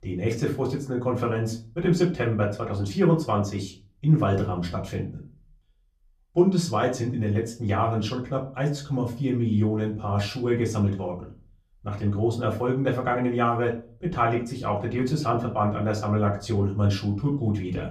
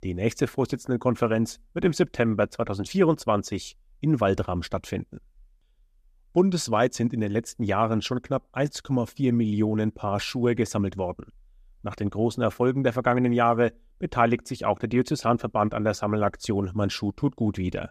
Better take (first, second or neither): second